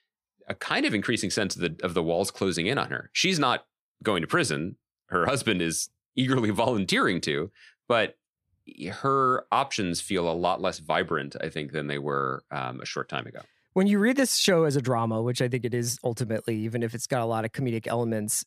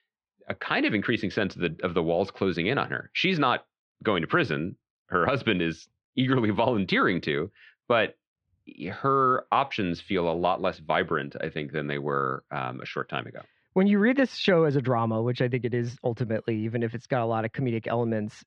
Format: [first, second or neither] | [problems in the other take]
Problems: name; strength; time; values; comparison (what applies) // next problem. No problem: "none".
first | muffled; slightly; fading above 3.5 kHz